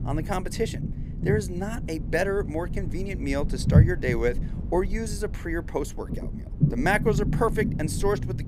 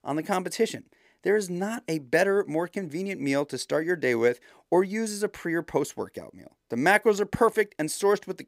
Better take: second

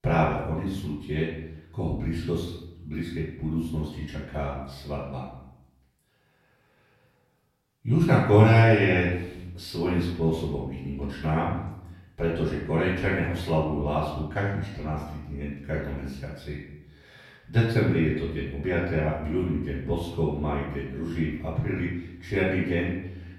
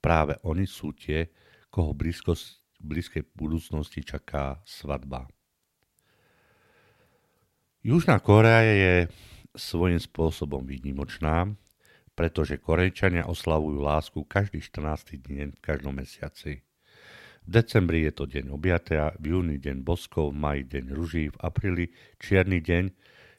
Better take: second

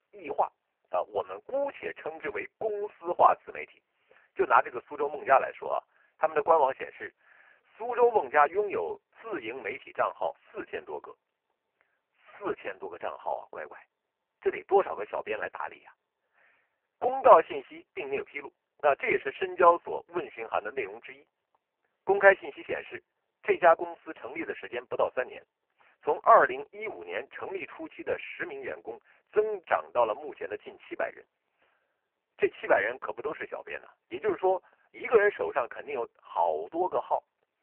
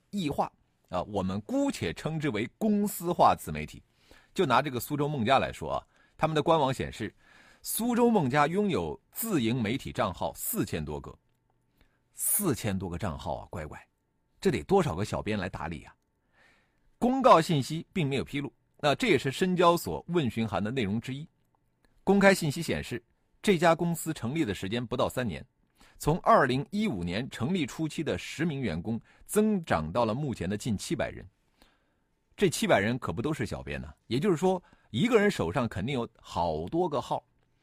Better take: second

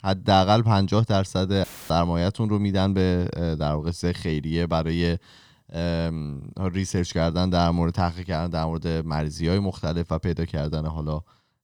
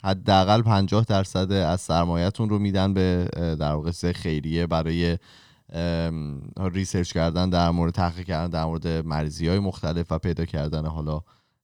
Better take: second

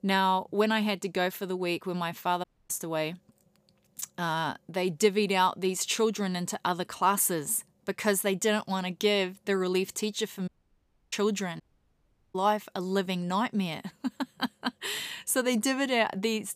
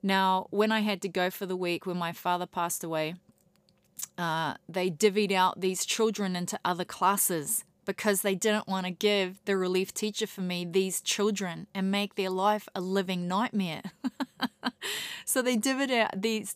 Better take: second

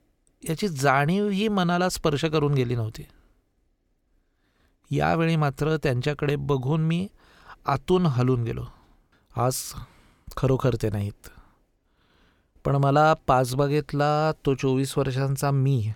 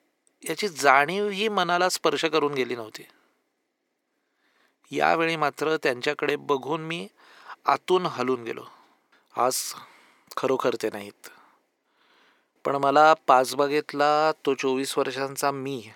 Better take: first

